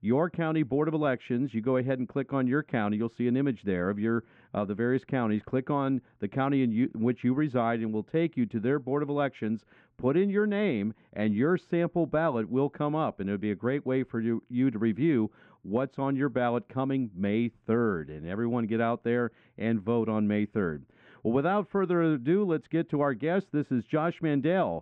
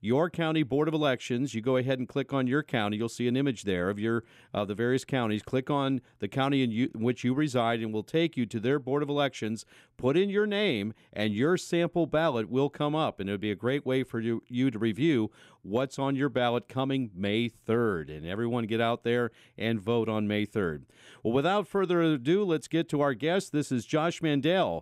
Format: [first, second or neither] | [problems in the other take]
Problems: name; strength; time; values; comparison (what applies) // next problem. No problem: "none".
second | muffled; very; fading above 1.5 kHz